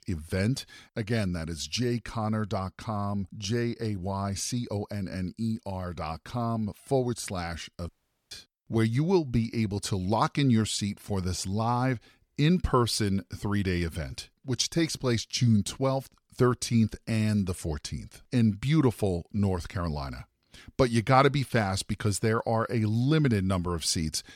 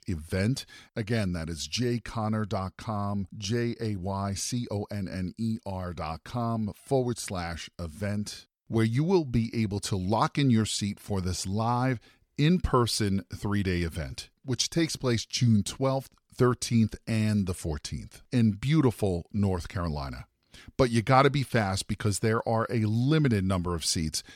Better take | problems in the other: second | audio cutting out; at 8 s

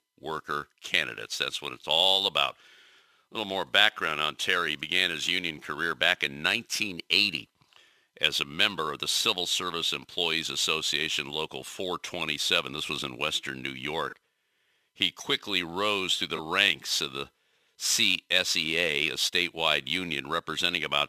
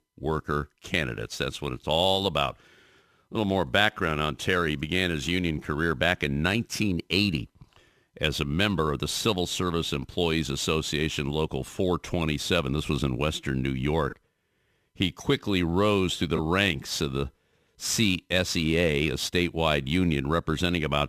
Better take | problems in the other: second | thin; somewhat; fading below 1 kHz

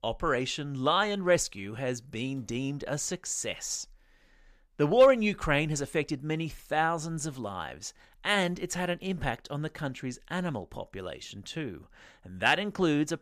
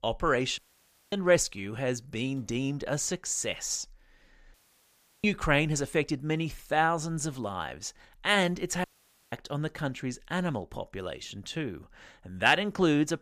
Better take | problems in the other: first | audio cutting out; at 0.5 s for 0.5 s, at 4.5 s for 0.5 s and at 9 s

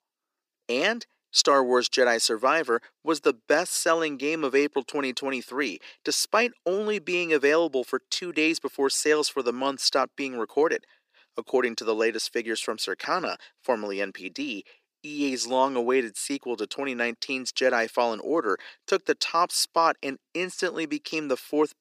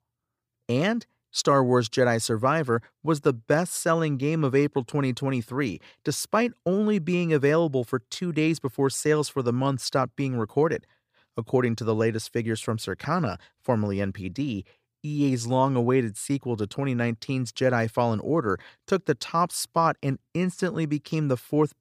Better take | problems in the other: second | thin; somewhat; fading below 300 Hz

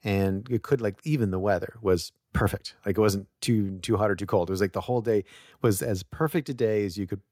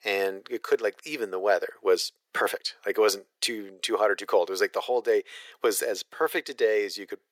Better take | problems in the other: first | thin; very; fading below 450 Hz

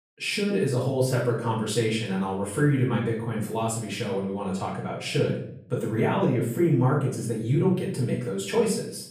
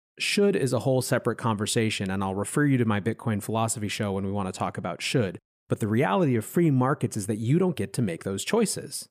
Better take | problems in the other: second | off-mic speech; far // room echo; noticeable; dies away in 0.6 s

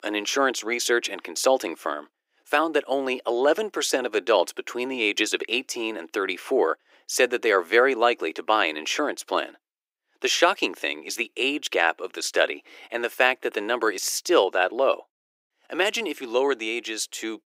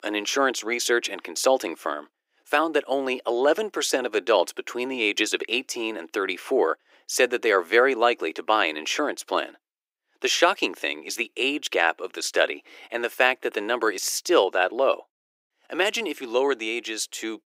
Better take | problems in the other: neither | thin; very; fading below 350 Hz; the same in both

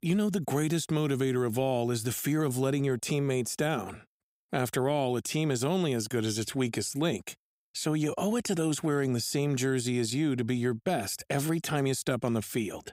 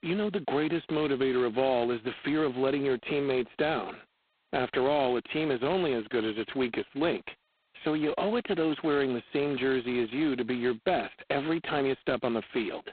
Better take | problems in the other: first | phone-call audio; poor line; nothing above 4 kHz

